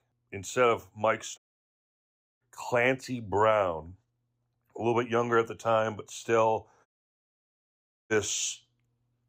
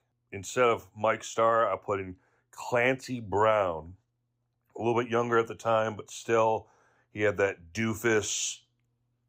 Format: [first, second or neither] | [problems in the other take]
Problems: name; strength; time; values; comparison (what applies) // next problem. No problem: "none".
second | audio cutting out; at 1.5 s for 1 s and at 7 s for 1 s